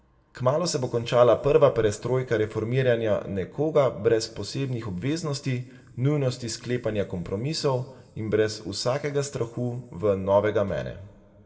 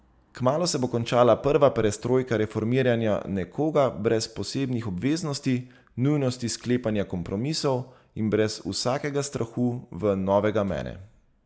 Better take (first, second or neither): second